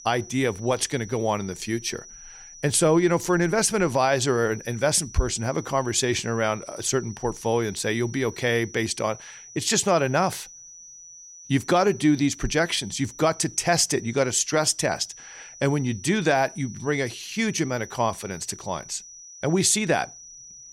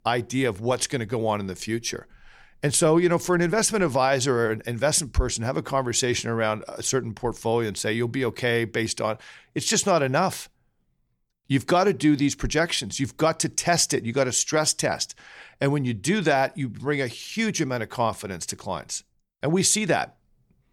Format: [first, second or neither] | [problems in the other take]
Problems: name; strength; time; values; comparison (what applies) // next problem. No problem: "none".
second | high-pitched whine; noticeable; throughout; 6 kHz, 20 dB below the speech